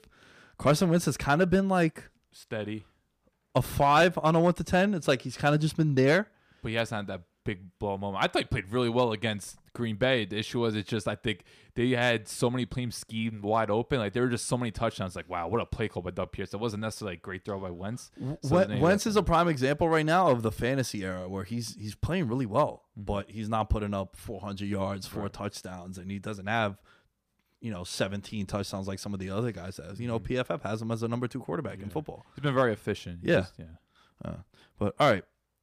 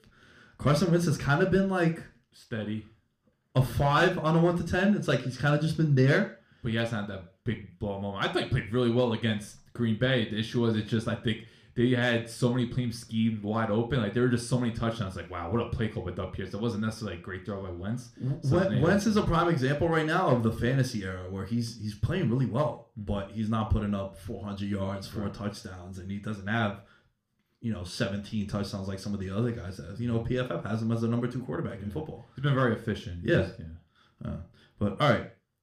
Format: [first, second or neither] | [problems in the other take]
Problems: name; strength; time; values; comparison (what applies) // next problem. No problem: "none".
first | room echo; very slight; dies away in 0.3 s